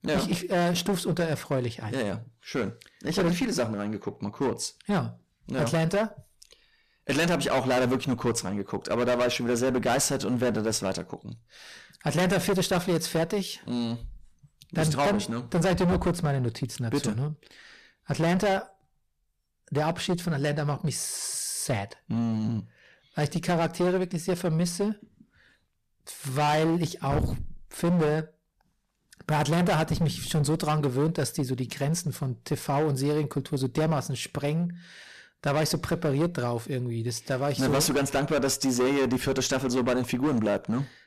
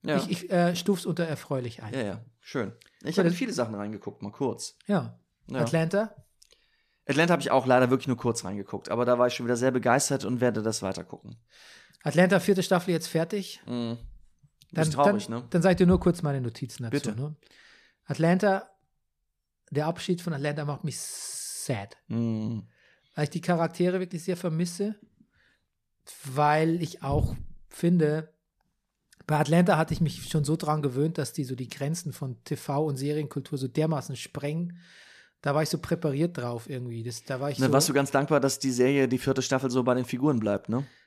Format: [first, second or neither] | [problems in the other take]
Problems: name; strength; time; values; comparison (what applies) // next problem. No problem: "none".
second | distortion; heavy; 14% of the sound clipped